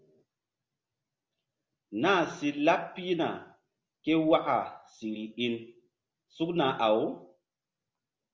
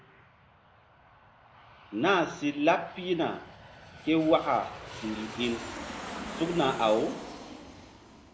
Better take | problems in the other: first | background sound (Aircraft); 13 dB below the speech

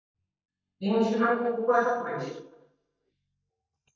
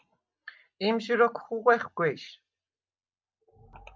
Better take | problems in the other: second | noise reduction (neural mask model DeepFilterNet 3)

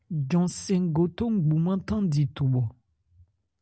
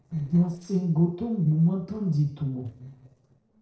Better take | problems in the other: first | noise reduction (neural separator model SepFormer DNS4)

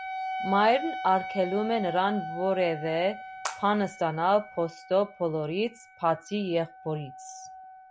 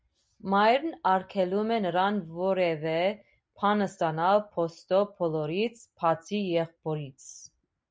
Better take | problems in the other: second | background sound (Wind instrument, woodwind instrument + Water / Splash, splatter); 10 dB below the speech

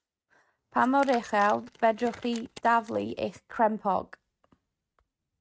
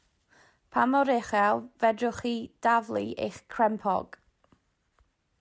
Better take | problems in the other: second | noise reduction (neural mask model RNNoise)

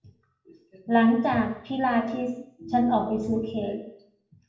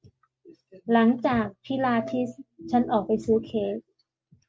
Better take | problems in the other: second | room echo; dies away in 0.6 s

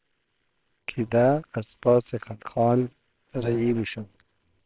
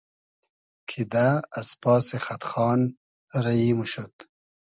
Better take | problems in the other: second | noise reduction (neural separator model SepFormer WHAMR!)

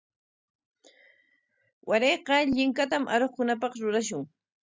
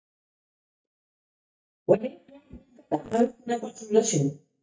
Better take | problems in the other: first | noise reduction (neural mask model DeepFilterNet 3)

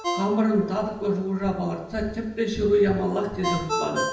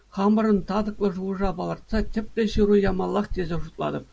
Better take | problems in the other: second | background sound (Ringtone); 8 dB below the speech // room echo; dies away in 0.8 s

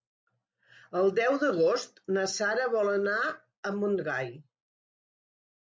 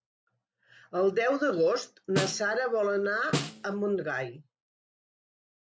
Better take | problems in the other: first | background sound (Snare drum); 5 dB below the speech

